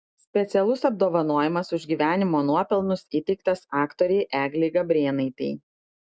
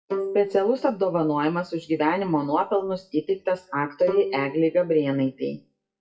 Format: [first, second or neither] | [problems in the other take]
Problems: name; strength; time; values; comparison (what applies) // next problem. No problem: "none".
first | noise reduction (classical method WPE with log-MMSE)